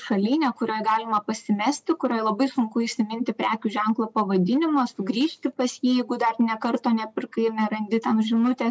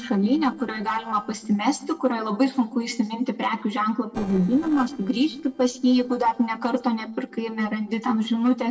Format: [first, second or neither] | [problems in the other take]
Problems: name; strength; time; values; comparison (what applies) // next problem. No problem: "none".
first | noise reduction (neural separator model SepFormer DNS4)